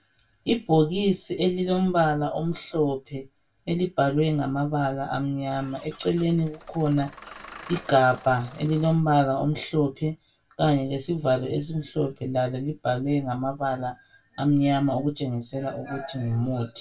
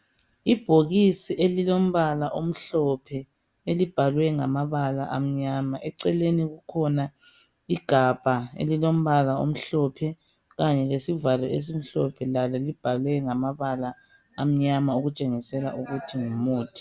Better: second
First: background sound (Engine starting / Bus); 20 dB below the speech // room echo; dies away in 0.2 s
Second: none

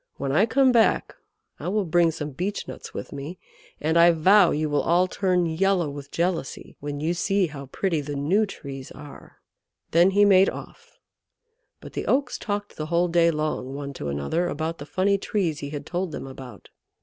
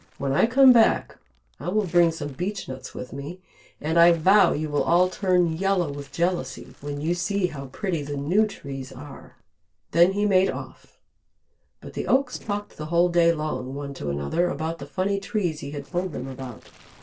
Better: first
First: none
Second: noise reduction (neural separator model SepFormer DNS4)

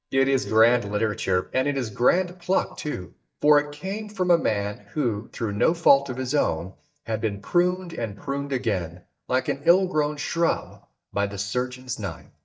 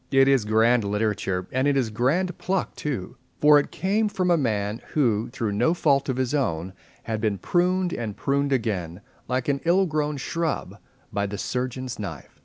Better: second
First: noise reduction (neural mask model DeepFilterNet 3)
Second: none

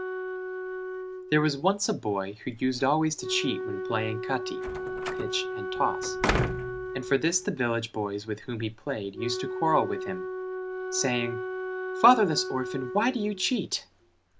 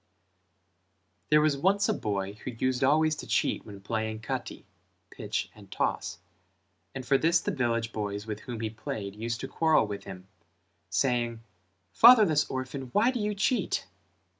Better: second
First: background sound (Wind instrument, woodwind instrument + Slam); 5 dB below the speech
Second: none

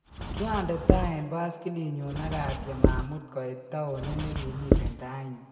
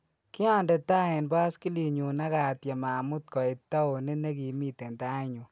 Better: second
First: background sound (Writing); 4 dB above the speech // room echo; dies away in 1.8 s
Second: none

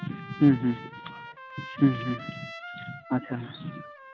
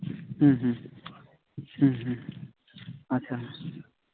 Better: second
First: background sound (Trumpet); 14 dB below the speech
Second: none

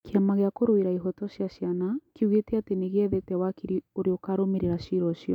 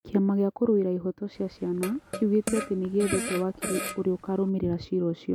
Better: first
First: none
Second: background sound (Fart); 9 dB below the speech

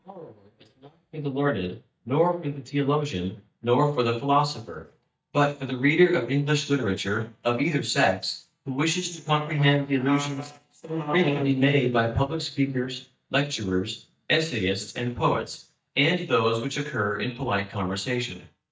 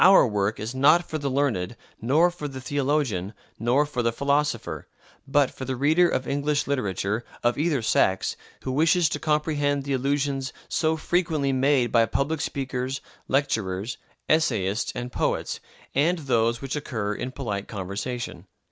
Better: second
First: noise reduction (neural mask model DeepFilterNet 3)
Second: none

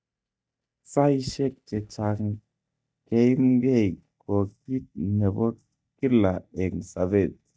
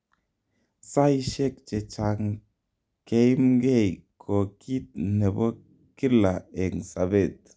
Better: second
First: noise reduction (neural mask model DeepFilterNet 3)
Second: none

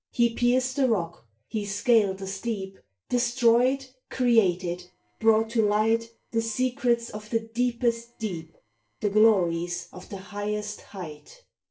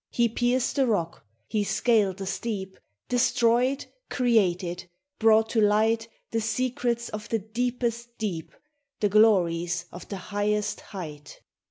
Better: second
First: noise reduction (neural separator model SepFormer DNS4)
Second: none

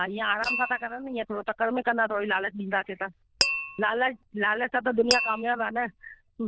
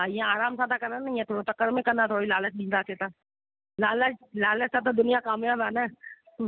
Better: second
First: noise reduction (neural diffusion model UNIVERSE++)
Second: none

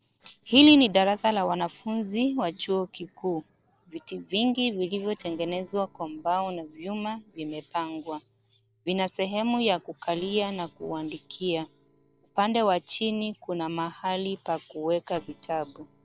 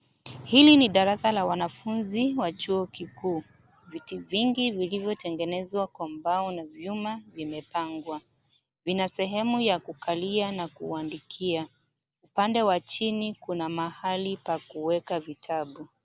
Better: second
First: noise reduction (neural separator model SepFormer DNS4)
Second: none

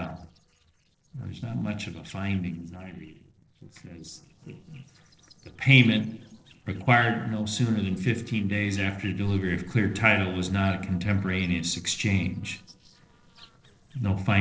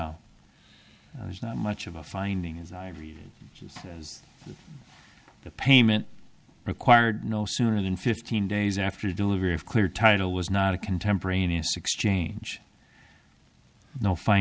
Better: second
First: noise reduction (neural separator model SepFormer DNS4)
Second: none

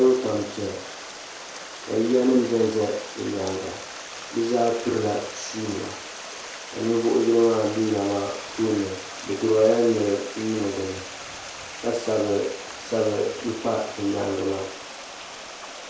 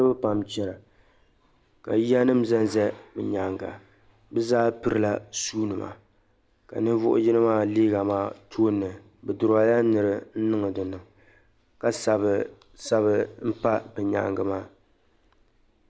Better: second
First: background sound (Stream); 12 dB below the speech // room echo; dies away in 0.6 s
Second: none

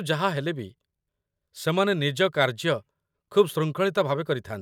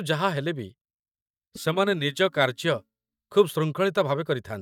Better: first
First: none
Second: noise reduction (neural mask model DeepFilterNet 3)

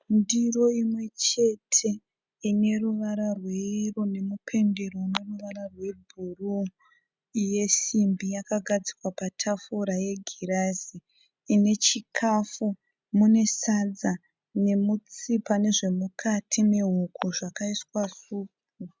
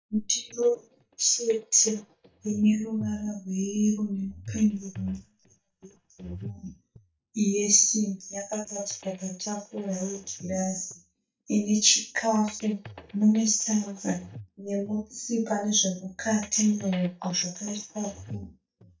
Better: first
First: none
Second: noise reduction (neural mask model DeepFilterNet 3)

